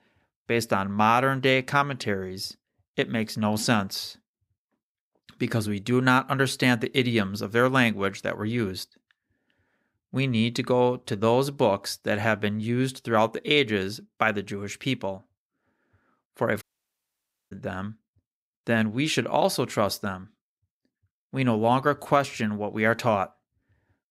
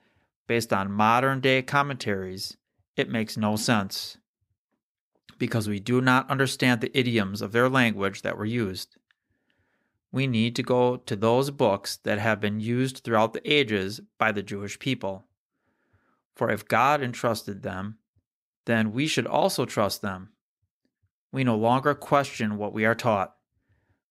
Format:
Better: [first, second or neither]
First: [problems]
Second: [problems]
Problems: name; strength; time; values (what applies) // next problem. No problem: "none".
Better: second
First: audio cutting out; at 17 s for 1 s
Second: none